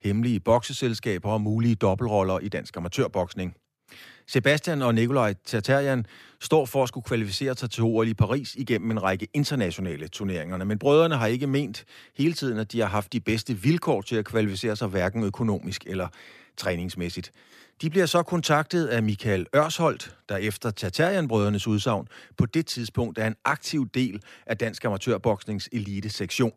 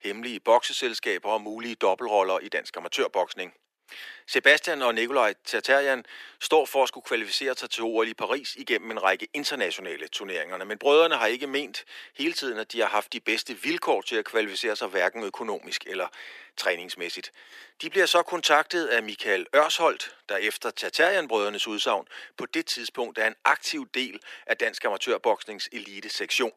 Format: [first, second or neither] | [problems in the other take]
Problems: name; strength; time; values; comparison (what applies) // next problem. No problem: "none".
first | thin; very; fading below 350 Hz